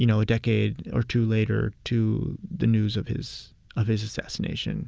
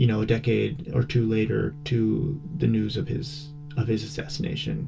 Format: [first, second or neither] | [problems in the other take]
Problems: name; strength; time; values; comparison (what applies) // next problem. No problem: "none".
first | background sound (Organ); 14 dB below the speech // room echo; dies away in 0.1 s